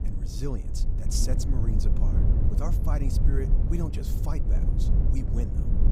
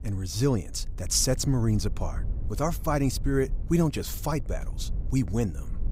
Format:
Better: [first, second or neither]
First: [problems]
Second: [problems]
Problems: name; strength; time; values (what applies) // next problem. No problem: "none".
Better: second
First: low rumble; loud; throughout; 2 dB below the speech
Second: low rumble; faint; throughout; 20 dB below the speech